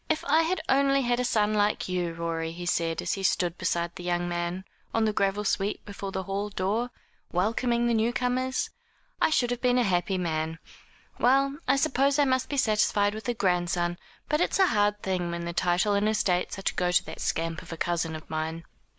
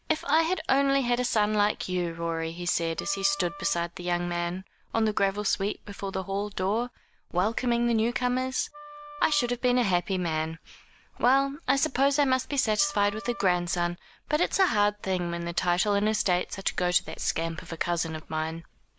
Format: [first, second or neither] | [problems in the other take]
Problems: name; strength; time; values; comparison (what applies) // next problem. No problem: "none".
first | background sound (Wind instrument, woodwind instrument); 17 dB below the speech